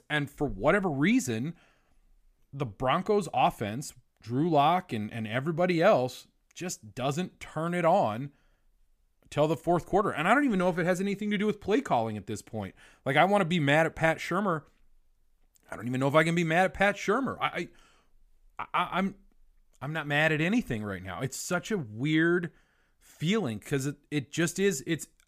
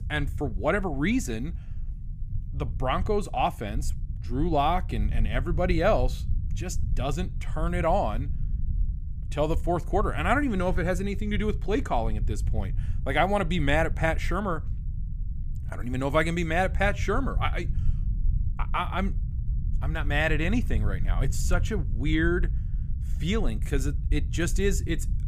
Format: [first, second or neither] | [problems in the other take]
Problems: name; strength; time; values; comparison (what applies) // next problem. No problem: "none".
first | low rumble; faint; throughout; 20 dB below the speech